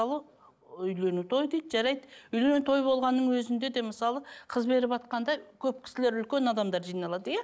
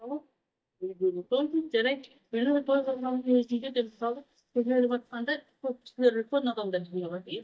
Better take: first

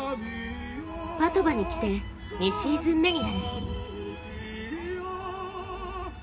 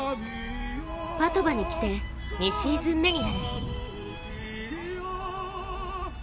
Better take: second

